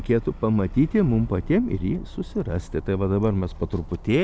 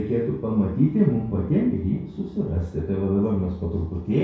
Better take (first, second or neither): first